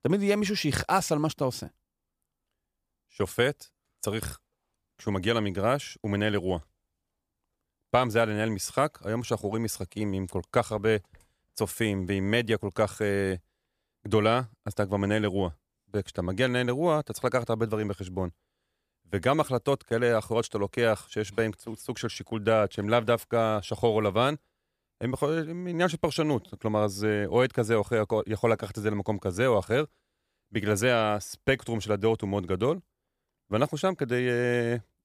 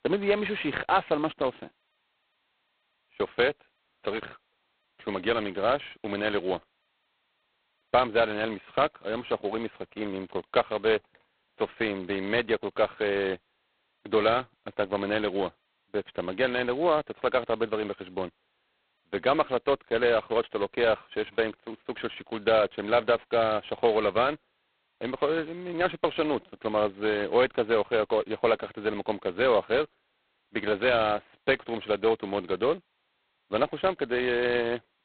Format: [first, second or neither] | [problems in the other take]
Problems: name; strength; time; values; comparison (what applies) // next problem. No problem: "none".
first | phone-call audio; poor line; nothing above 4 kHz